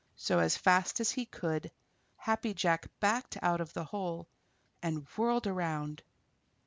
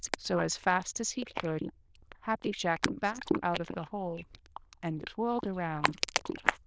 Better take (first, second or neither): first